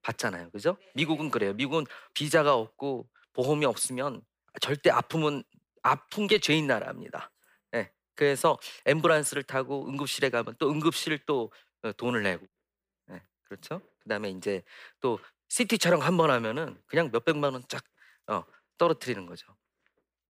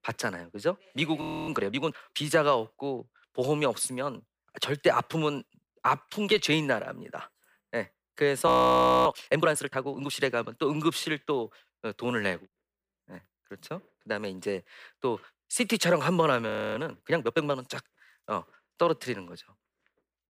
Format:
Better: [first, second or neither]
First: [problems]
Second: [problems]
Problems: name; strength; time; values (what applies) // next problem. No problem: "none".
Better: first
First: none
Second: audio freezing; at 1 s, at 8.5 s for 0.5 s and at 16 s